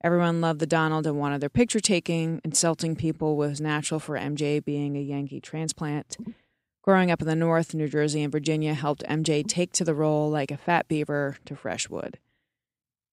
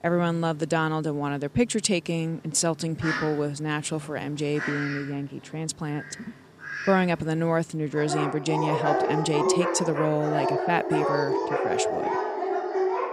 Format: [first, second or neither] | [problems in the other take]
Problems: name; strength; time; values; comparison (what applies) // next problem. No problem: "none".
first | animal sounds; loud; throughout; 1 dB below the speech